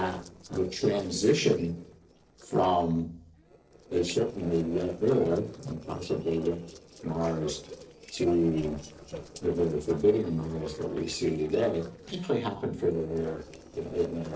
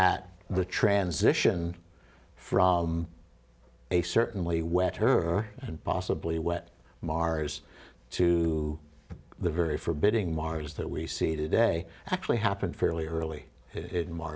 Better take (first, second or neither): second